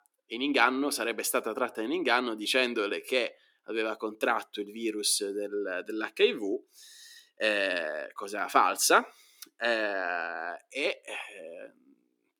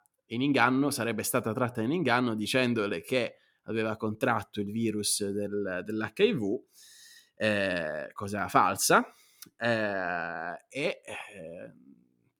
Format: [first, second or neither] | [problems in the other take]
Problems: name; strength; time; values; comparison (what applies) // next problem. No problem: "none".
second | thin; very slightly; fading below 300 Hz